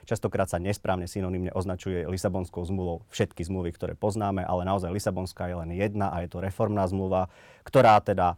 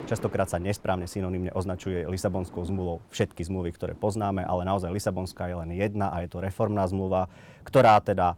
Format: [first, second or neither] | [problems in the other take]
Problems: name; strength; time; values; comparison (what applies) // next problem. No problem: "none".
first | rain or running water; faint; throughout; 25 dB below the speech